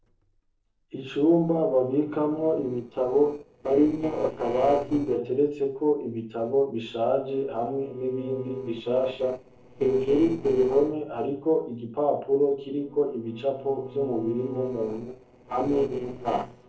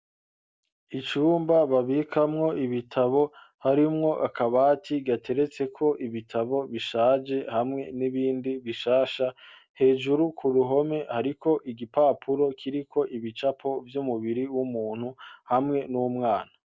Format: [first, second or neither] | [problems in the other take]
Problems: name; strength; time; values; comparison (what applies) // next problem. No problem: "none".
second | noise reduction (neural separator model SepFormer DNS4)